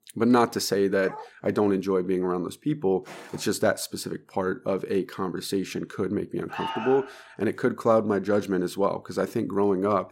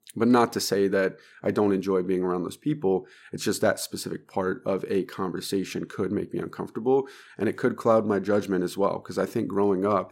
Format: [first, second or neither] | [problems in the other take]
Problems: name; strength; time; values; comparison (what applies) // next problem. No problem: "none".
second | dog barking; faint; at 1 s; peak 15 dB below the speech // footsteps; faint; at 3 s; peak 15 dB below the speech // alarm; noticeable; at 6.5 s; peak 6 dB below the speech